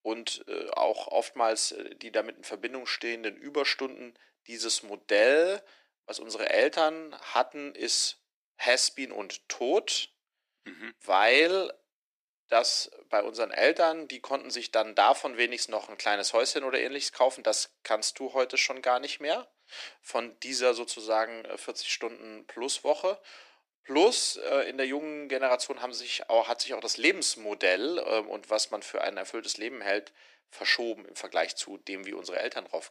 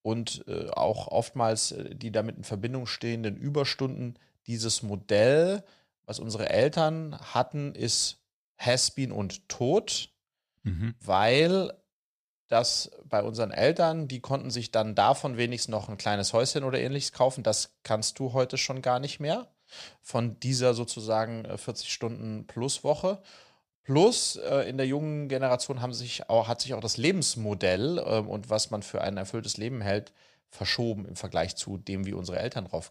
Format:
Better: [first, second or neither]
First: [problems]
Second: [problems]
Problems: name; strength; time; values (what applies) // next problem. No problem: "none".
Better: second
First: thin; somewhat; fading below 300 Hz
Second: none